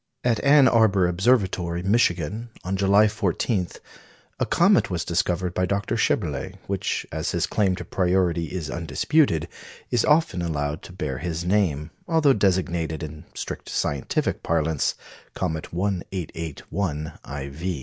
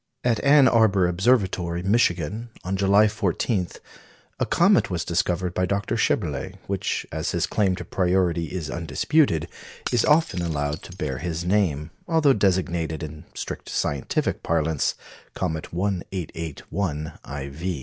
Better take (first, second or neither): first